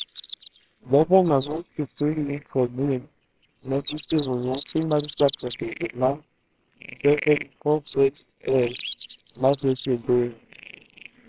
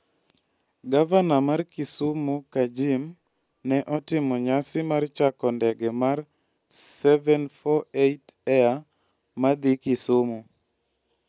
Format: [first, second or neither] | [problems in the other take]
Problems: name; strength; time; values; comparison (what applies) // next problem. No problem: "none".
second | noise reduction (neural separator model SepFormer WHAMR!)